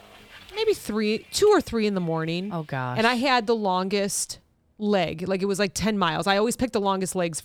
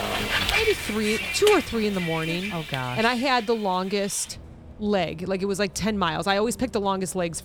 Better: first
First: traffic noise; faint; throughout; 25 dB below the speech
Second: traffic noise; loud; throughout; 2 dB below the speech

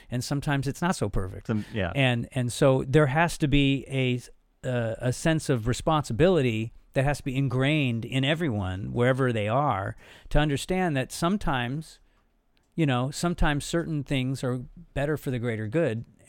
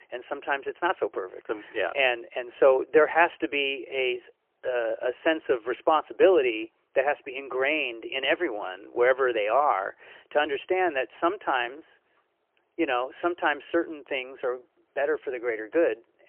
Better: first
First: none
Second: phone-call audio; poor line; nothing above 3 kHz

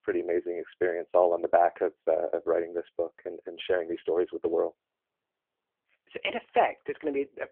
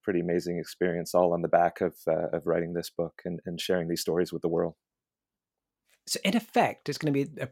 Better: second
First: phone-call audio; poor line; nothing above 3.5 kHz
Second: none

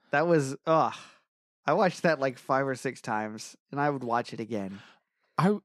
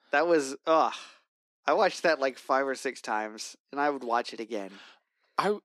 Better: first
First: none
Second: thin; somewhat; fading below 250 Hz

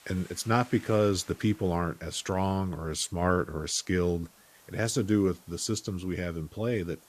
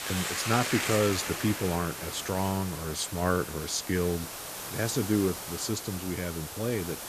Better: first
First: hiss; faint; throughout; 25 dB below the speech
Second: hiss; loud; throughout; 5 dB below the speech

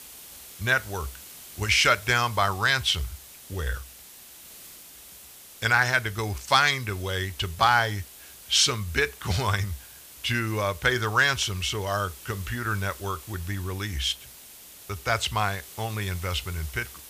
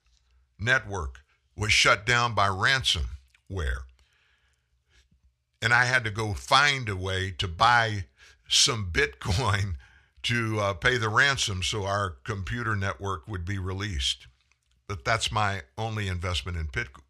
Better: second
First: hiss; noticeable; throughout; 20 dB below the speech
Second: none

